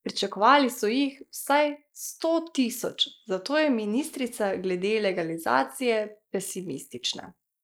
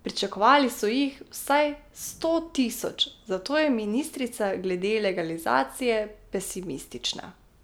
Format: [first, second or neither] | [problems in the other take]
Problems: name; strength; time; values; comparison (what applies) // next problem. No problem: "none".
second | noise reduction (neural mask model Resemble Enhance denoiser)